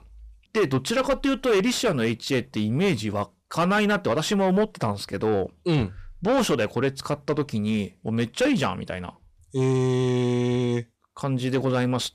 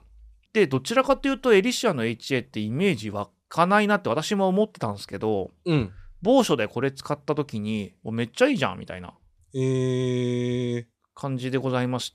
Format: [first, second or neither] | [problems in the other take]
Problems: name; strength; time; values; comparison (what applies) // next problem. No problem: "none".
second | distortion; heavy; 7 dB below the speech